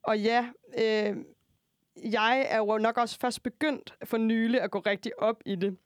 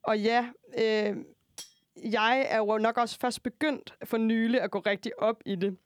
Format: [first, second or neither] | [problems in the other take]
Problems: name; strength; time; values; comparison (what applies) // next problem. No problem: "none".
first | clattering dishes; faint; at 1.5 s; peak 15 dB below the speech